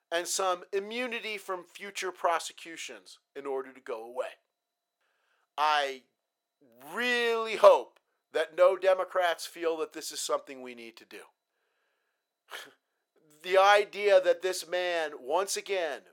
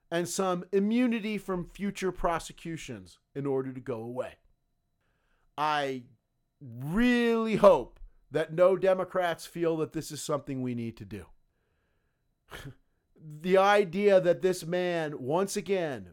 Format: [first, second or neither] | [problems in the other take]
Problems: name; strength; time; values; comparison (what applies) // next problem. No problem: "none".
second | thin; very; fading below 500 Hz